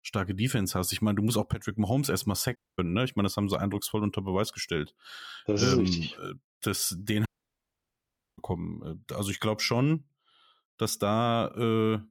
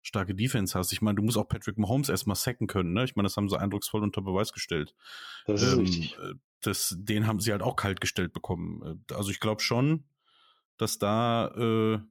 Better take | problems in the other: second | audio cutting out; at 2.5 s and at 7.5 s for 1 s

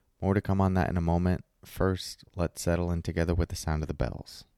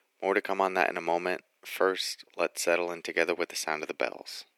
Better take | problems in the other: first | thin; very; fading below 350 Hz

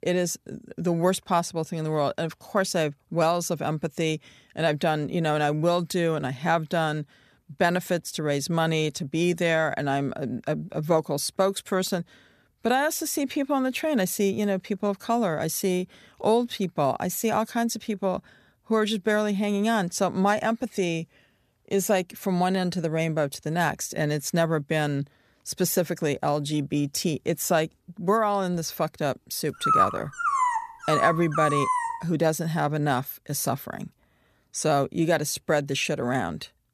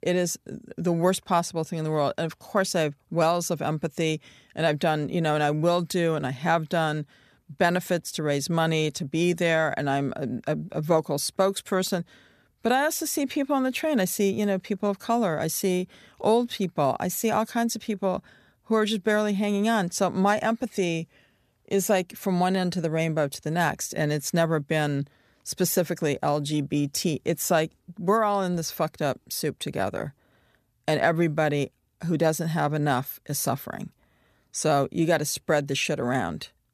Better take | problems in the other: second | dog barking; loud; from 30 to 32 s; peak 4 dB above the speech

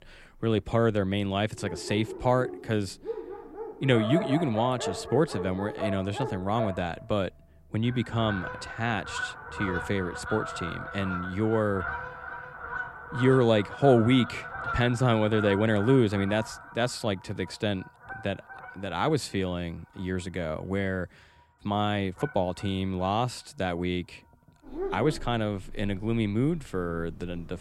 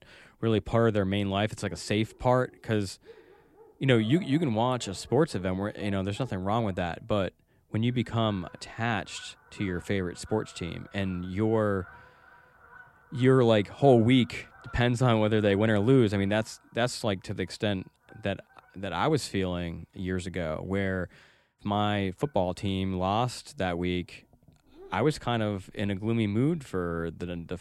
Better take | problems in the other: second | animal sounds; loud; throughout; 9 dB below the speech; faint in the second

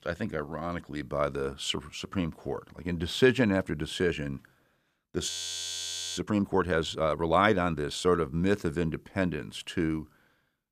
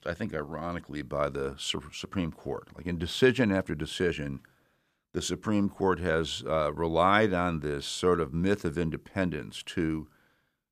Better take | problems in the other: second | audio freezing; at 5.5 s for 1 s

